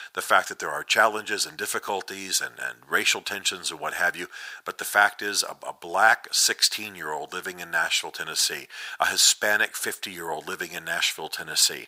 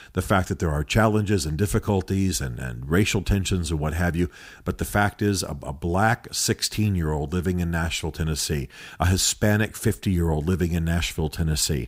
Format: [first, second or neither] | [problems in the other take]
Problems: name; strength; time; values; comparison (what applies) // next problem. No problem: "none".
second | thin; very; fading below 850 Hz